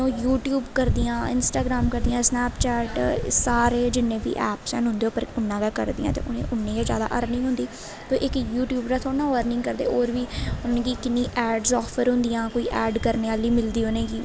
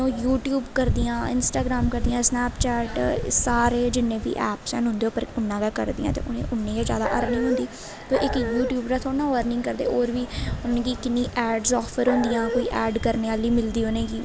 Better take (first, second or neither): first